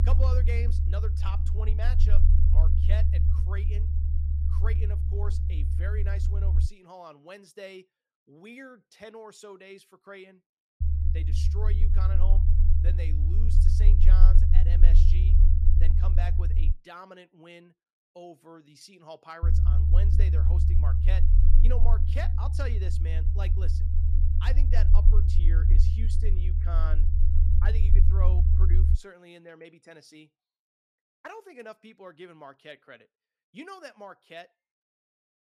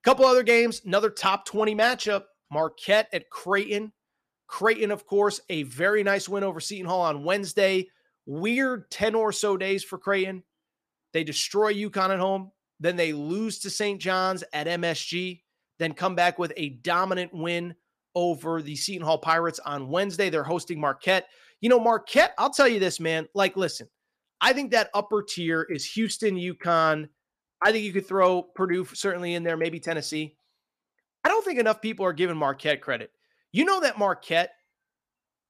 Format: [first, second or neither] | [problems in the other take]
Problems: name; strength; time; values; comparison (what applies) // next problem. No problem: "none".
second | low rumble; loud; until 6.5 s, from 11 to 17 s and from 19 to 29 s; 1 dB below the speech